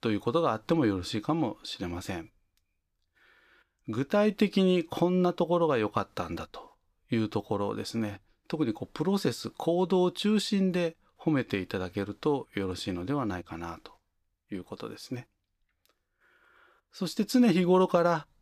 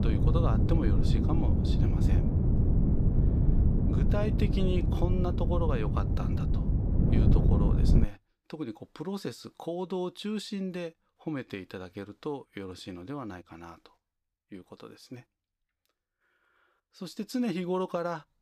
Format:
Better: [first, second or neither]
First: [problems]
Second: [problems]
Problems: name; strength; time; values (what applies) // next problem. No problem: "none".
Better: first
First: none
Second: wind noise on the microphone; heavy; until 8 s; as loud as the speech